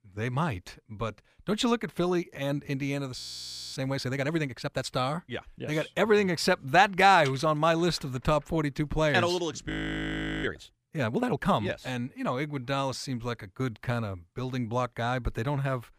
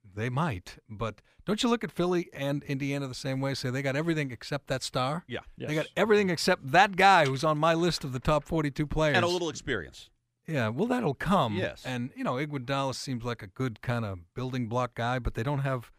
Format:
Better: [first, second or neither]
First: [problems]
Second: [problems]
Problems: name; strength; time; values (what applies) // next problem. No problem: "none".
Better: second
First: audio freezing; at 3 s for 0.5 s and at 9.5 s for 0.5 s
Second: none